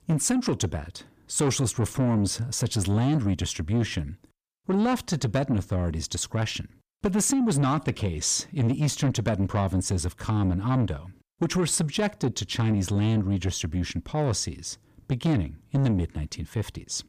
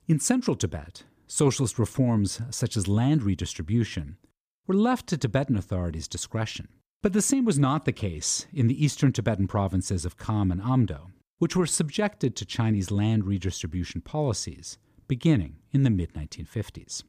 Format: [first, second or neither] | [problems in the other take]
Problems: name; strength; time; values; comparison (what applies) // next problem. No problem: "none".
second | distortion; slight; 10 dB below the speech